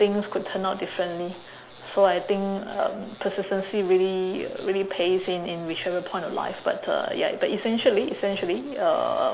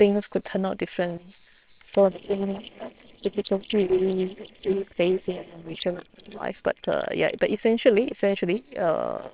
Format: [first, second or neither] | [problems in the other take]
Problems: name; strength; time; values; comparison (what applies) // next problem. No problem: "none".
first | noise reduction (neural separator model SepFormer WHAMR!)